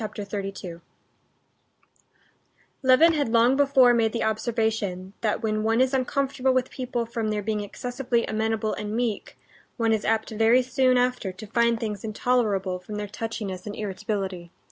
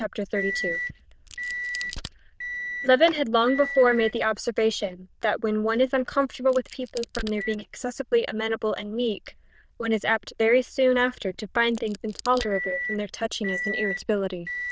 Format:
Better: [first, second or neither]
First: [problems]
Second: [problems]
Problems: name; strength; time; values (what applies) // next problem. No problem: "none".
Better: first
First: none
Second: noise reduction (neural diffusion model UNIVERSE++)